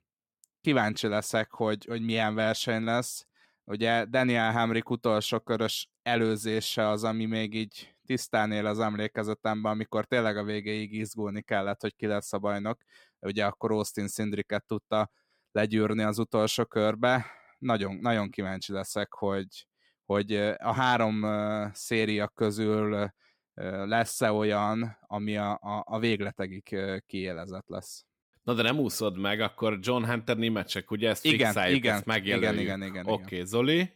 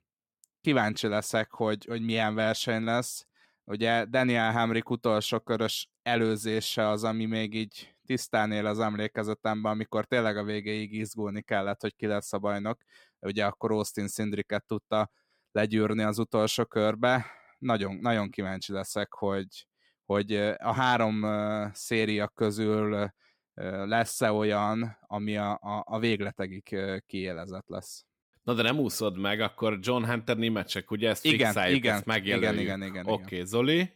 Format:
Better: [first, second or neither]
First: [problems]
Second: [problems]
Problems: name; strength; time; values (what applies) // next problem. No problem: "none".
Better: neither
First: none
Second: none